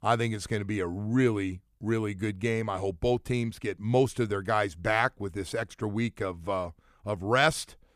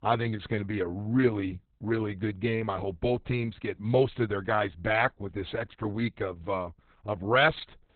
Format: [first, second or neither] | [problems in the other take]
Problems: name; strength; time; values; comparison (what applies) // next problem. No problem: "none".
first | garbled, watery; badly; nothing above 4 kHz